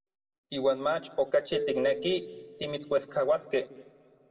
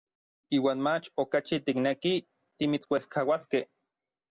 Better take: second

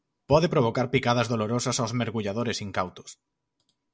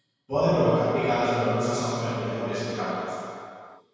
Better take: first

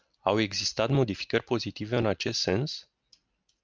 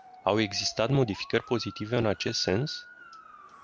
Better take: first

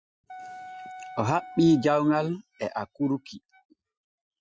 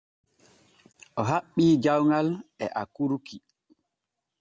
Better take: second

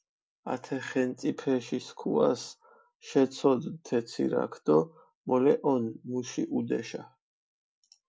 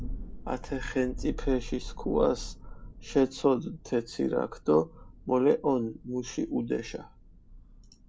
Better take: first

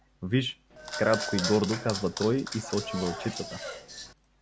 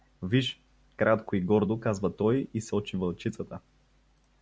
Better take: second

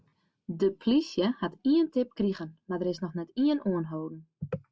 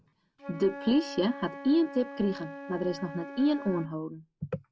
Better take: first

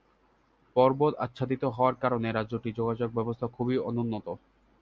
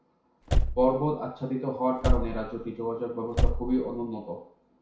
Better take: first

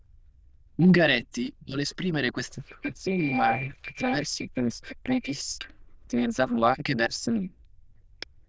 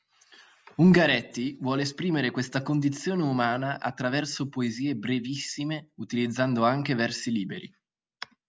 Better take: second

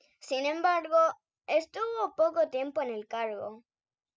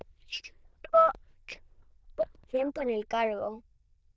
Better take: first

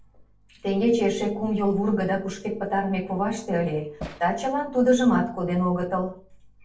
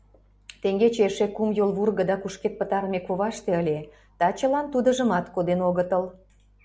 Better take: second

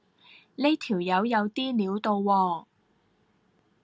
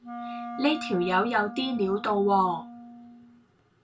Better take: first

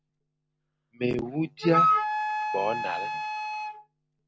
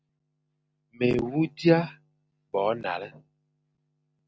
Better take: second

